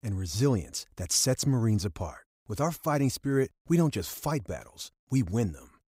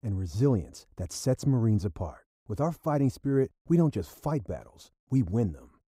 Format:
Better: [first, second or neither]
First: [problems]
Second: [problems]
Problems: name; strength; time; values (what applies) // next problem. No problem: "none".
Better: first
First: none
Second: muffled; slightly; fading above 1.5 kHz